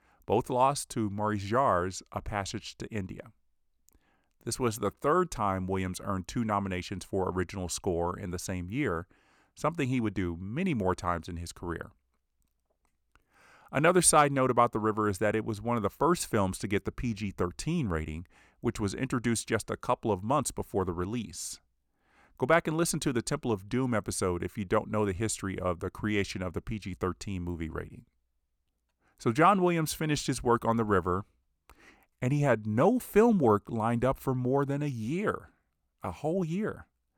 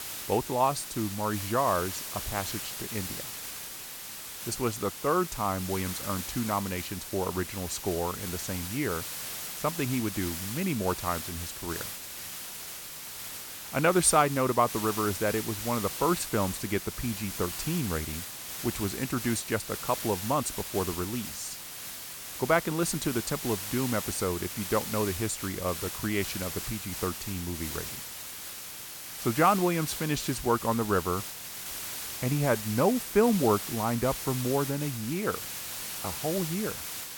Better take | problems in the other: first | hiss; loud; throughout; 6 dB below the speech

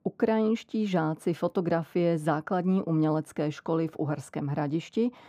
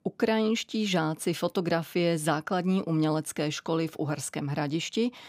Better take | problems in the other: second | muffled; slightly; fading above 2 kHz

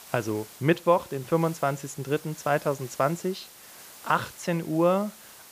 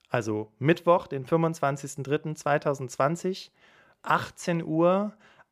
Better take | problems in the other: second | hiss; noticeable; throughout; 20 dB below the speech

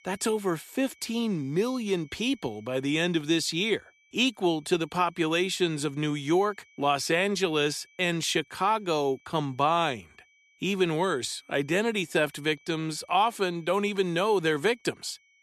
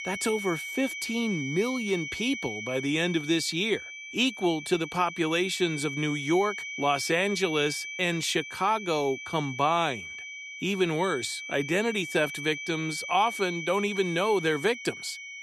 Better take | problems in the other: first | high-pitched whine; loud; throughout; 2.5 kHz, 8 dB below the speech; faint in the first

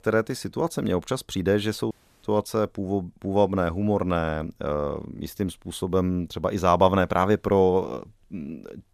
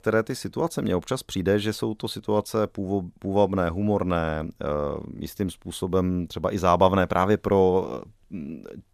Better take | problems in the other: second | audio cutting out; at 2 s

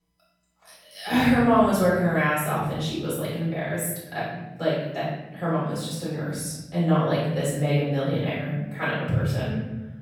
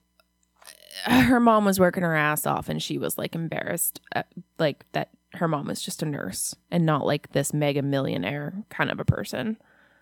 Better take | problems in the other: second | room echo; strong; dies away in 1.4 s // off-mic speech; far

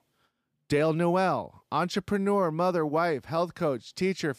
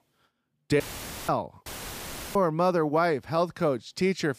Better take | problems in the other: first | audio cutting out; filled with static; at 1 s and at 1.5 s for 0.5 s

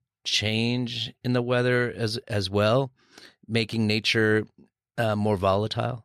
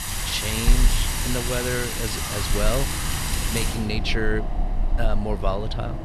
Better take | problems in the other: first | wind in the background; very loud; throughout; 3 dB above the speech

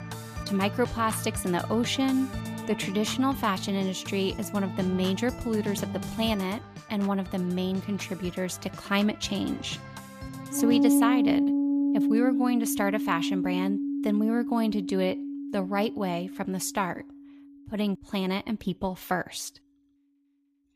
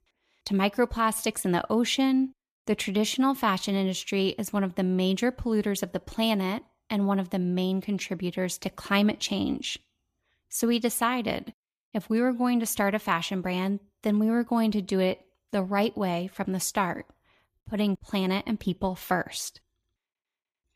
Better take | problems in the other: second | background music; loud; throughout; 2 dB below the speech

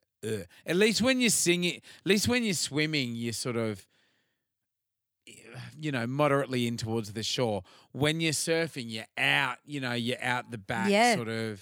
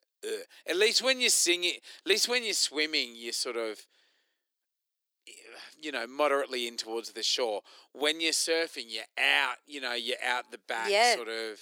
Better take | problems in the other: first | thin; very; fading below 350 Hz

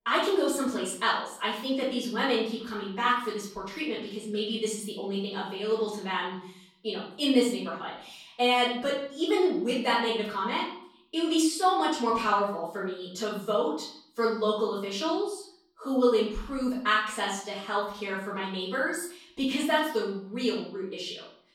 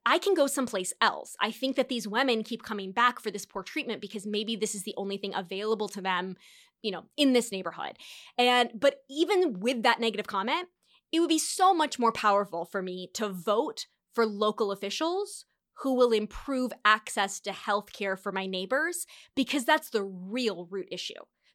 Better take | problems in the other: second | off-mic speech; far // room echo; noticeable; dies away in 0.6 s

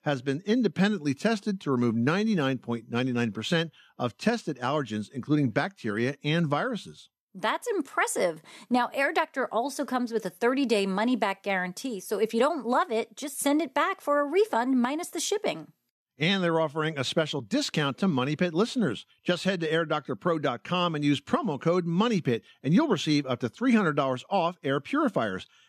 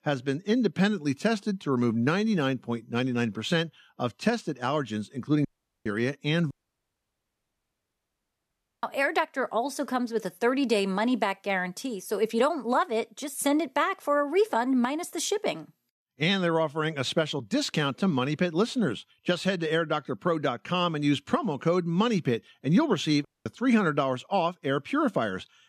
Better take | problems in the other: first | audio cutting out; at 5.5 s, at 6.5 s for 2.5 s and at 23 s

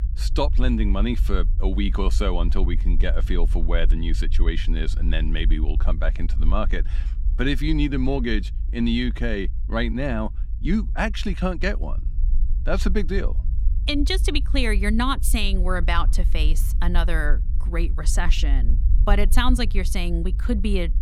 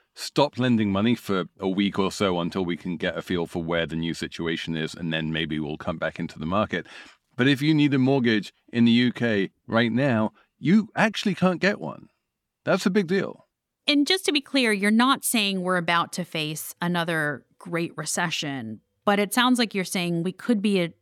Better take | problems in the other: second | low rumble; noticeable; throughout; 20 dB below the speech

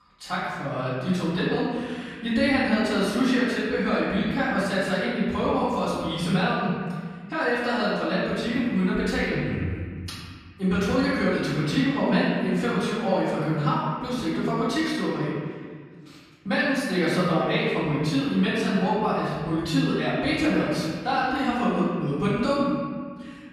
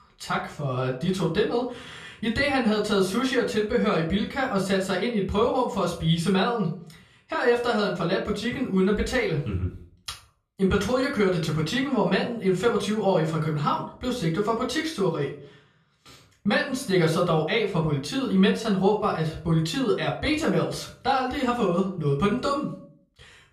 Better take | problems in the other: second | room echo; strong; dies away in 1.8 s; slight in the second // off-mic speech; far; far in the second

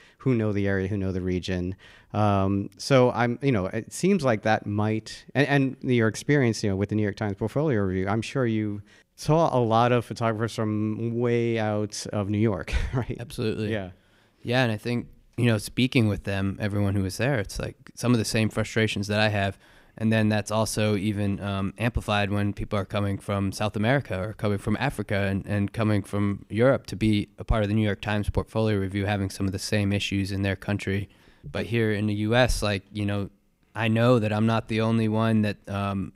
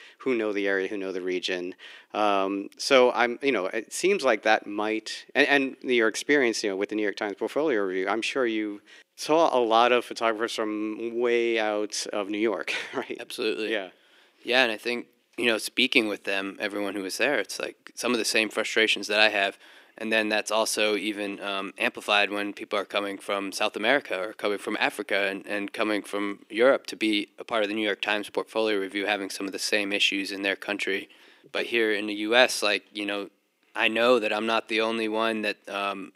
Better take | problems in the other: first | thin; somewhat; fading below 300 Hz

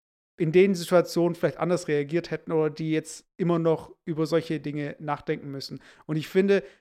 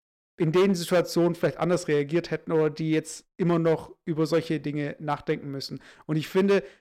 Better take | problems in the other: first | distortion; slight; 5% of the sound clipped

